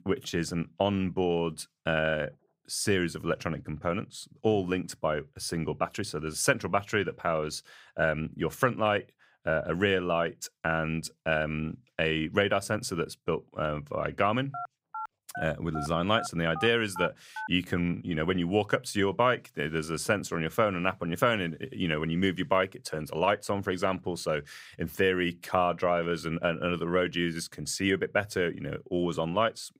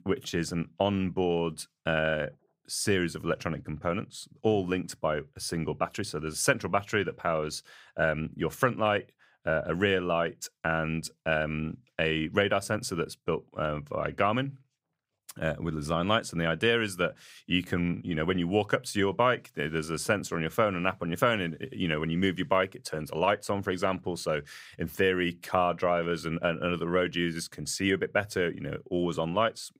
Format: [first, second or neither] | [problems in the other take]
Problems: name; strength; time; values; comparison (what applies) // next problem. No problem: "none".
second | phone ringing; faint; from 15 to 17 s; peak 10 dB below the speech